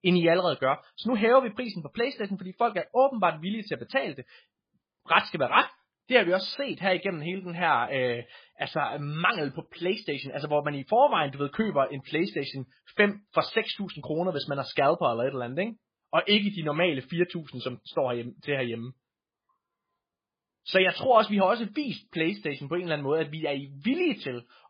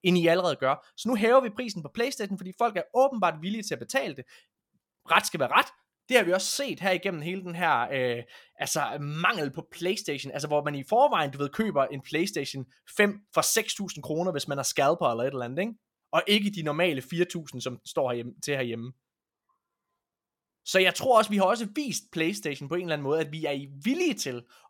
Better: second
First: garbled, watery; badly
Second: none

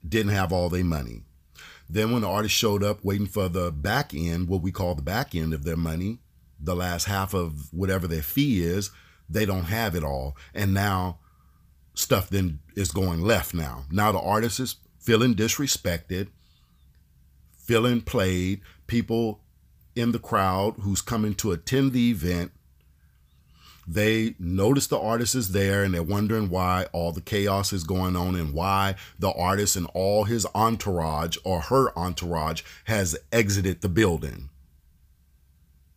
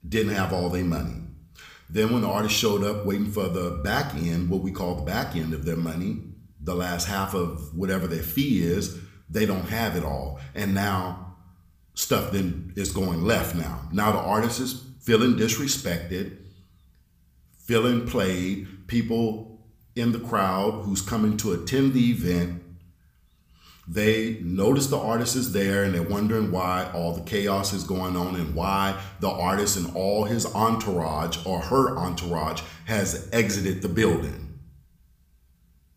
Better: first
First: none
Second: room echo; slight; dies away in 0.6 s

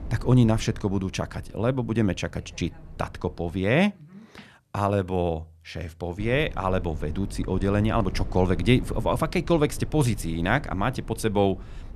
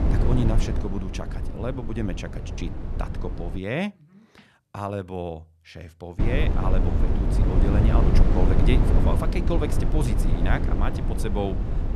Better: first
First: low rumble; faint; until 3.5 s and from 6 s on; 20 dB below the speech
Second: low rumble; loud; until 3.5 s and from 6 s on; 2 dB below the speech

